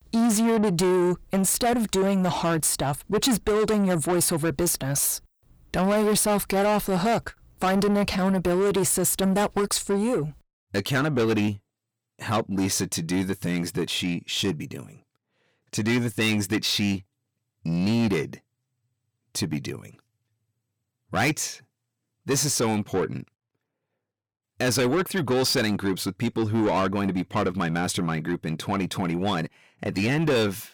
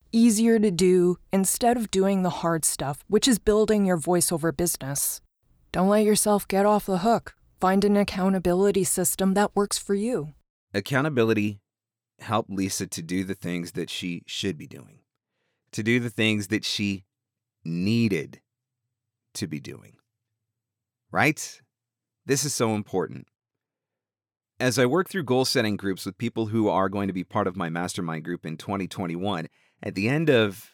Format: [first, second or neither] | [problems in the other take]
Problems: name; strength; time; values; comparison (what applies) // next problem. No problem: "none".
second | distortion; heavy; 8 dB below the speech